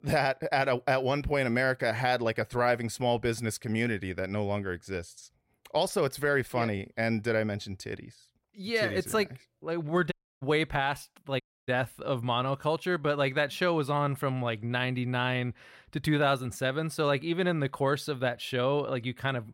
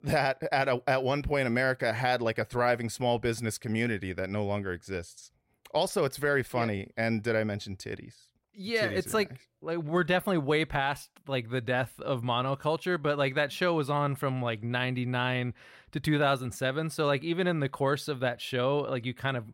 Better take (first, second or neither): second